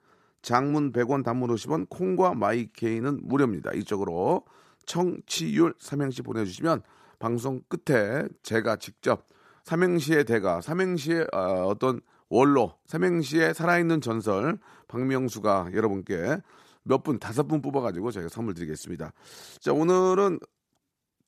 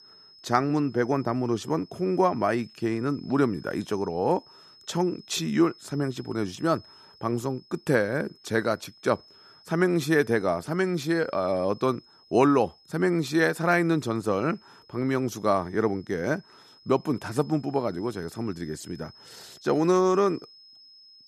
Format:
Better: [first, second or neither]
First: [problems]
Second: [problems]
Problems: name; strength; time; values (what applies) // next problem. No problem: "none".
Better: first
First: none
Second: high-pitched whine; faint; throughout; 5 kHz, 25 dB below the speech